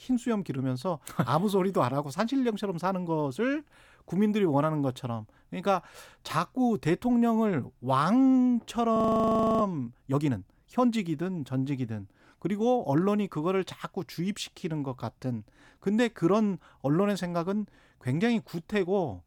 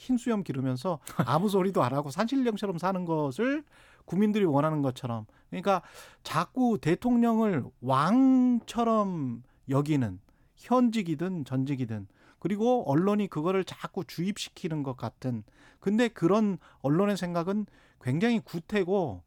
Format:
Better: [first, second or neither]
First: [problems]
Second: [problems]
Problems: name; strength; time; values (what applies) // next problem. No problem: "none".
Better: second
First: audio freezing; at 9 s for 0.5 s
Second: none